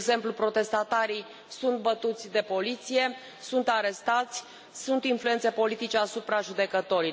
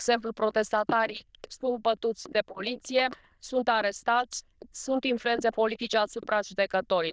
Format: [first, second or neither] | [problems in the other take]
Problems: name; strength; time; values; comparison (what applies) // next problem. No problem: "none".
first | noise reduction (neural diffusion model UNIVERSE++)